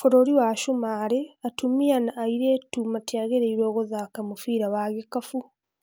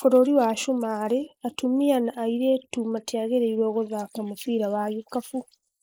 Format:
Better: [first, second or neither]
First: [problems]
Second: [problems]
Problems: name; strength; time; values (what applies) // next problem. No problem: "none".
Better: first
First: none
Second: noise reduction (neural mask model Resemble Enhance denoiser)